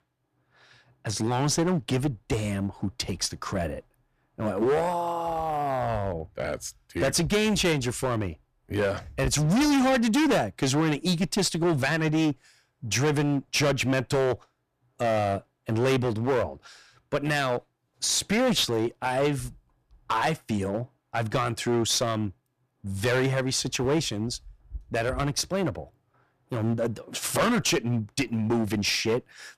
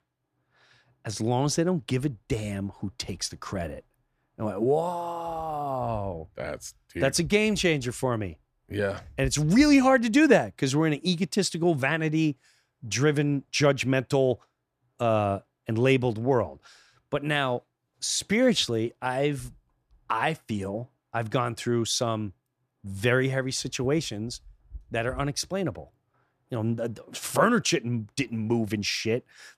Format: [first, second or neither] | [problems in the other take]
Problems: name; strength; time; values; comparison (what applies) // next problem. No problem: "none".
second | distortion; heavy; 11% of the sound clipped